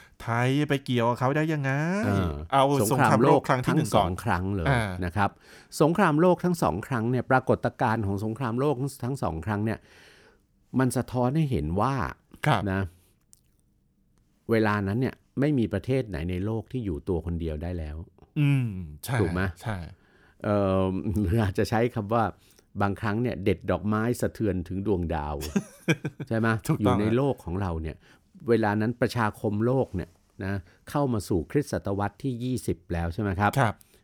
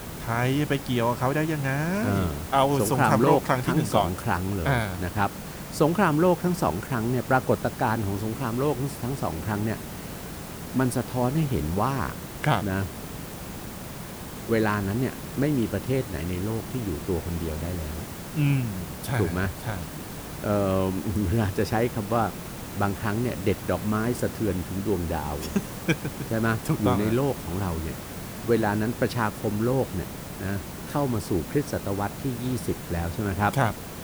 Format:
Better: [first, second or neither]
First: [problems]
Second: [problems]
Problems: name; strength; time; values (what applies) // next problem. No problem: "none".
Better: first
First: none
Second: hiss; loud; throughout; 10 dB below the speech